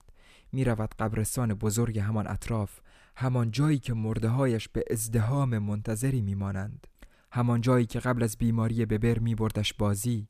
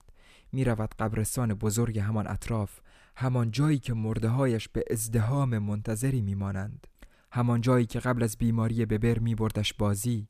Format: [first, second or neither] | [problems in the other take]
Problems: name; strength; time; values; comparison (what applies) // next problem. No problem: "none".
neither | none